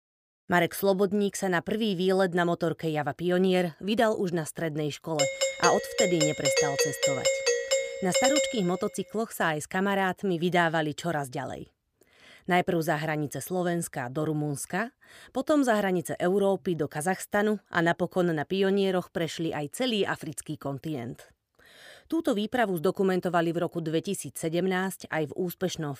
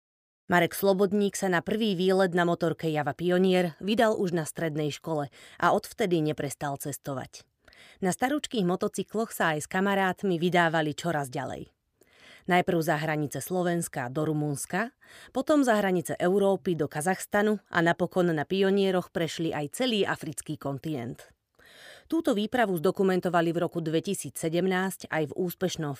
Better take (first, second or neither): second